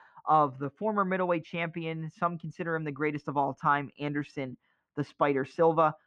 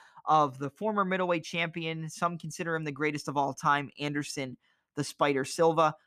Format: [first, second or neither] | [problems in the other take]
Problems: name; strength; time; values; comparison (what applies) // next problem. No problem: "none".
second | muffled; very; fading above 2 kHz